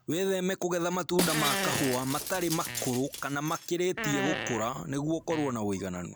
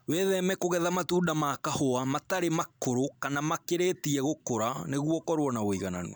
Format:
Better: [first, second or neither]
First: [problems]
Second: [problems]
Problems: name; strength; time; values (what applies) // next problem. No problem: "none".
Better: second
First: background sound (Shatter + Fart); 4 dB below the speech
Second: none